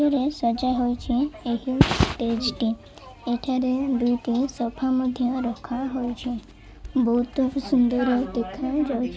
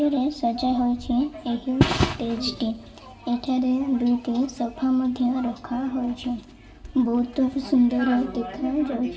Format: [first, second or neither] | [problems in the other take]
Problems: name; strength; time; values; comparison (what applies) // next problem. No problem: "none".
first | room echo; dies away in 1.7 s